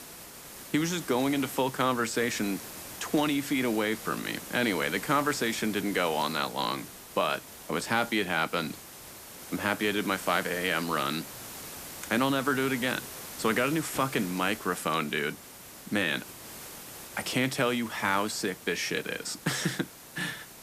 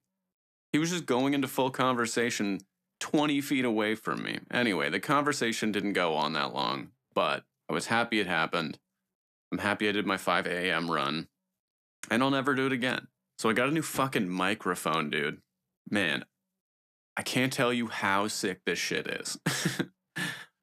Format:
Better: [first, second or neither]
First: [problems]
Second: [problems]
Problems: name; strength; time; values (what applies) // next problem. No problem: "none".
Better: second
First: hiss; noticeable; throughout; 10 dB below the speech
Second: none